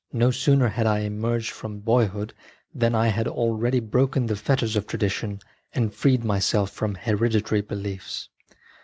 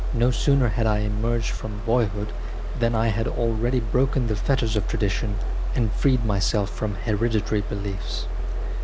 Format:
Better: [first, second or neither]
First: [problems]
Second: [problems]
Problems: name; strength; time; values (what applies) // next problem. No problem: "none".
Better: first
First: none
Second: background sound (Mechanisms); as loud as the speech